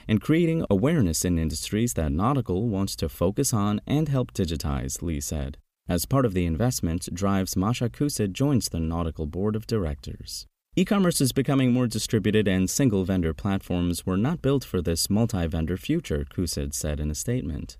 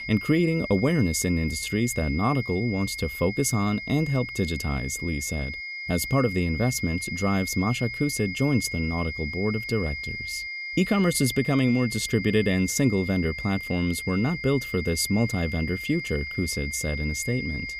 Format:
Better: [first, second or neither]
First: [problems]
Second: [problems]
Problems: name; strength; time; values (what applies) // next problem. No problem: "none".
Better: first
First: none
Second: high-pitched whine; loud; throughout; 2 kHz, 7 dB below the speech